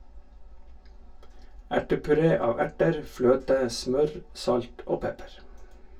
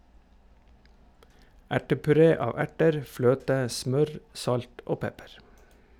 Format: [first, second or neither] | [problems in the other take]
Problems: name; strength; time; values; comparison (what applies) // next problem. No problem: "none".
second | room echo; dies away in 0.1 s